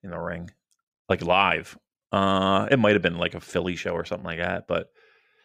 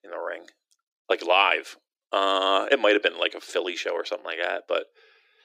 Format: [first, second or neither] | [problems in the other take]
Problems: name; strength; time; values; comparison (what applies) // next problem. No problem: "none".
first | thin; very; fading below 300 Hz